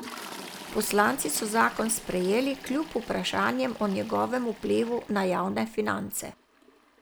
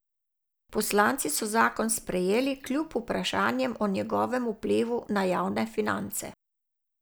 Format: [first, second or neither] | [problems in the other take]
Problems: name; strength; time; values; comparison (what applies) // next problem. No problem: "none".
second | background sound (Toilet flush); 16 dB below the speech